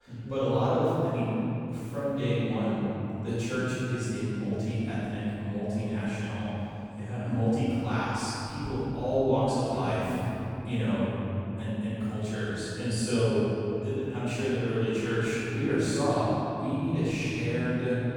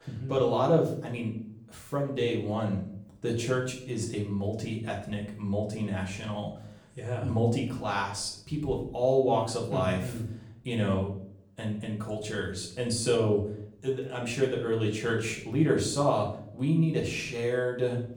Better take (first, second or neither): second